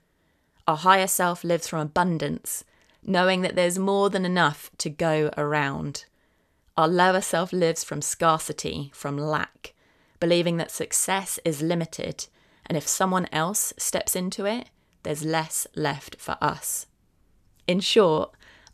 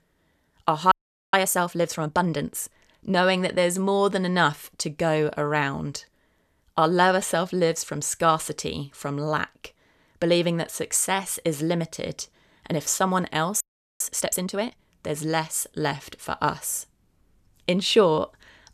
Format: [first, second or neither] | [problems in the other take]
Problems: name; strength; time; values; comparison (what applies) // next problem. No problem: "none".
first | audio freezing; at 1 s and at 14 s